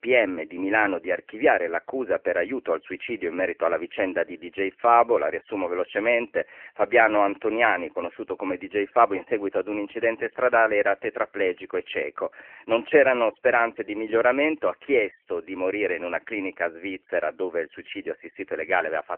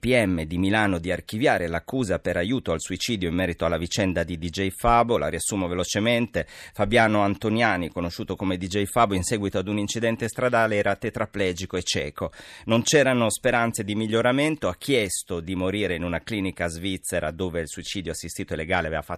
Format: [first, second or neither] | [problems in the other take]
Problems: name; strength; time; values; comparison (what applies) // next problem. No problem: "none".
second | phone-call audio; nothing above 3 kHz